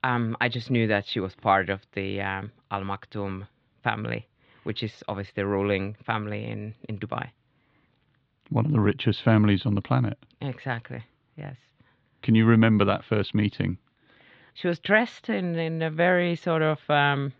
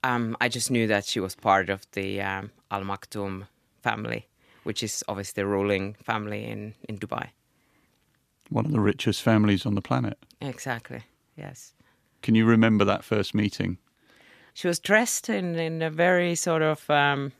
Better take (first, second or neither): second